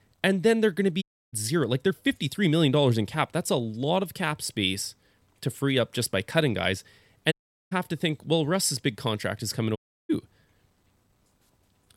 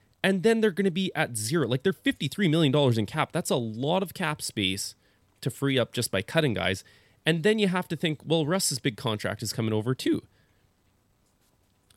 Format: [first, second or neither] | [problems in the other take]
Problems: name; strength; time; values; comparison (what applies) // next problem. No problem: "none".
second | audio cutting out; at 1 s, at 7.5 s and at 10 s